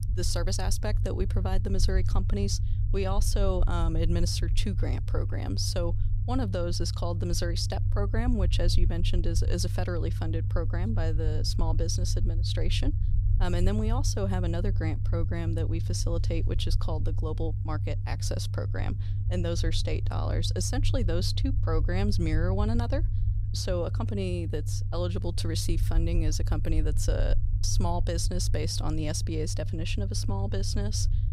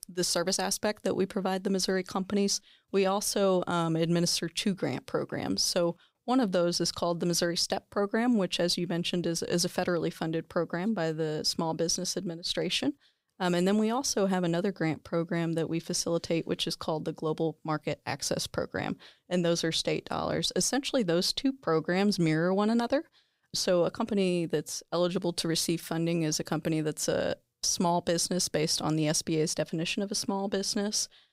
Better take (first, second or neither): second